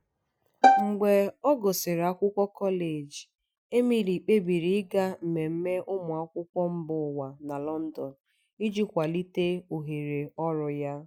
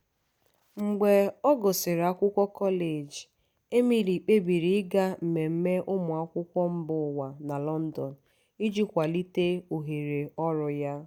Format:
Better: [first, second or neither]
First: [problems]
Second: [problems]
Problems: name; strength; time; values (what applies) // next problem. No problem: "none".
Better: second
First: noise reduction (classical method Wiener filter)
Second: none